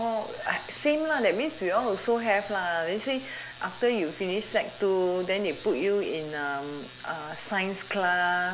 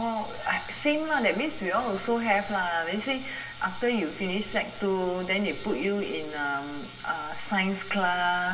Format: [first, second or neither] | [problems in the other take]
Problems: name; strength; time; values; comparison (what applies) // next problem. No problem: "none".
first | room echo; dies away in 1.7 s